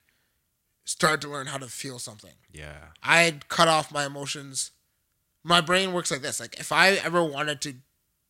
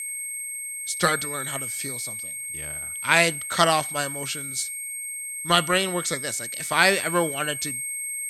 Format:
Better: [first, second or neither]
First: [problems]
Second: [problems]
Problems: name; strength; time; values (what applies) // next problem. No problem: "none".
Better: first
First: none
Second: high-pitched whine; loud; throughout; 8.5 kHz, 6 dB below the speech